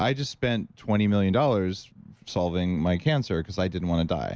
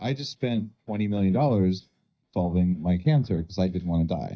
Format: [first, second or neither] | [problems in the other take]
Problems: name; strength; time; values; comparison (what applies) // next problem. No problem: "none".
first | noise reduction (neural mask model DeepFilterNet 3)